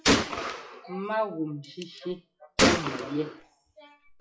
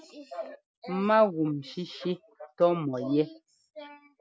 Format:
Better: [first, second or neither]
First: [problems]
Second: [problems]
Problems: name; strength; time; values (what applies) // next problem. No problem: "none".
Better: second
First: noise reduction (classical method WPE with log-MMSE)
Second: none